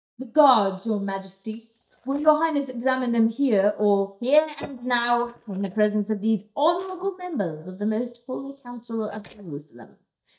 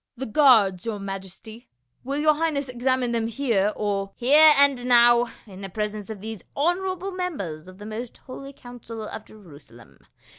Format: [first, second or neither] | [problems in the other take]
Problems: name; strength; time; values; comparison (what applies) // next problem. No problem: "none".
second | noise reduction (neural mask model DeepFilterNet 3)